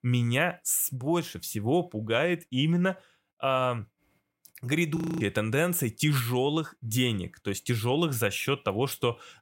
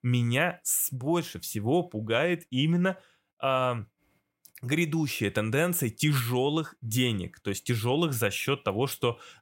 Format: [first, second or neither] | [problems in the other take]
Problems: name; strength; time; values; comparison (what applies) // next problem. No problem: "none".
second | audio freezing; at 5 s